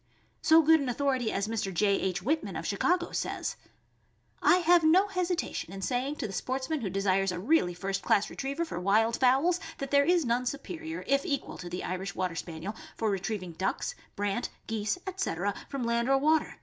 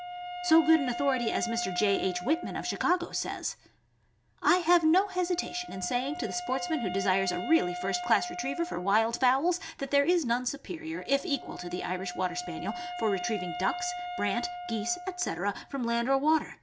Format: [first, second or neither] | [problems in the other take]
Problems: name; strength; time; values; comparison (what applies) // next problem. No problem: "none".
first | background sound (Wind instrument, woodwind instrument); 10 dB below the speech